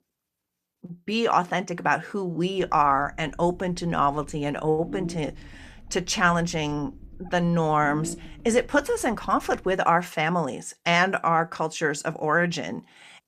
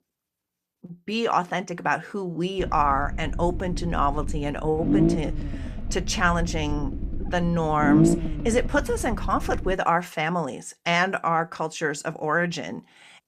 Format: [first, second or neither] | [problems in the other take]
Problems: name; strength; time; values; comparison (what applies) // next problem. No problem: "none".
first | low rumble; loud; from 2.5 to 9.5 s; 6 dB below the speech; faint in the first